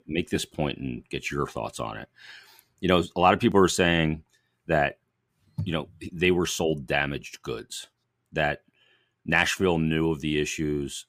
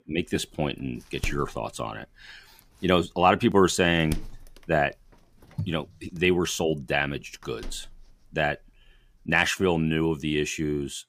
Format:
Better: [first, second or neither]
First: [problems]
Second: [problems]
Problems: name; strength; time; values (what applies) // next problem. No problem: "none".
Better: first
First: none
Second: door banging; faint; from 1 to 8 s; peak 10 dB below the speech